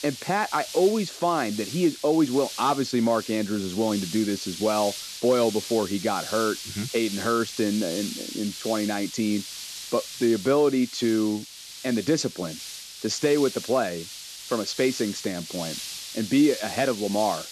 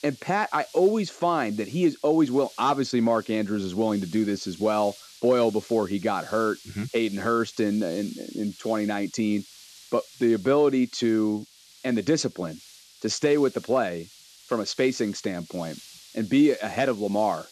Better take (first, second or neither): second